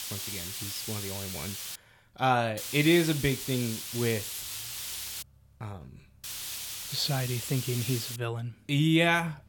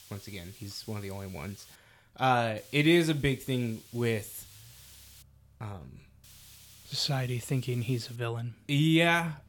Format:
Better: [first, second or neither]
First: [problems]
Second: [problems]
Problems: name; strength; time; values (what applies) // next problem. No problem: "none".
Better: second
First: hiss; loud; until 2 s, from 2.5 to 5 s and from 6 to 8 s; 7 dB below the speech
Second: hiss; faint; until 2 s, from 2.5 to 5 s and from 6 to 8 s; 25 dB below the speech